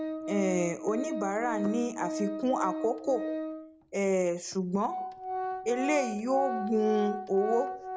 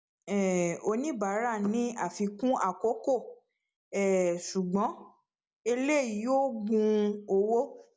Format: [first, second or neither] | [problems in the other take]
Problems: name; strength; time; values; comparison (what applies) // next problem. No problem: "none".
second | background sound (Organ); 5 dB below the speech